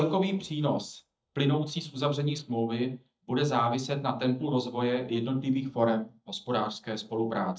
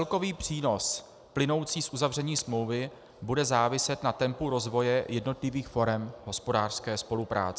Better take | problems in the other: second | noise reduction (neural mask model DeepFilterNet 3)

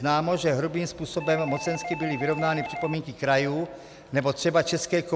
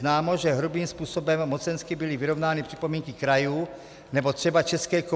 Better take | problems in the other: second | background sound (Doorbell); 10 dB below the speech

